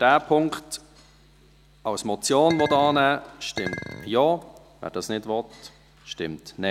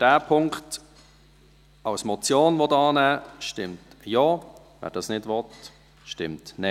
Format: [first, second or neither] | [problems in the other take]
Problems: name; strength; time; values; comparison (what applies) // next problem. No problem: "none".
second | background sound (Chink, clink); 11 dB below the speech